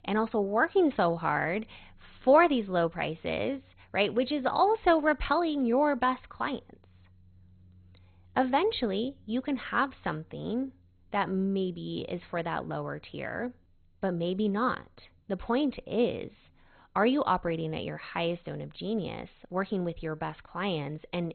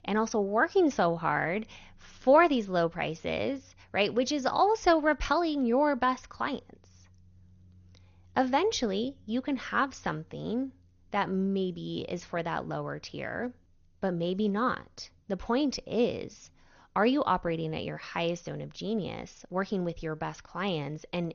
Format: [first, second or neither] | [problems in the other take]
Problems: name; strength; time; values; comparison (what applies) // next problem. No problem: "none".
second | garbled, watery; badly; nothing above 4 kHz; slightly in the second